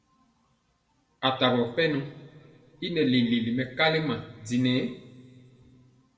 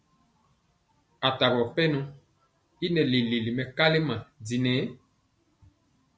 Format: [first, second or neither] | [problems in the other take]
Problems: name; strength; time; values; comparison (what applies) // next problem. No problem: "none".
second | room echo; dies away in 1.4 s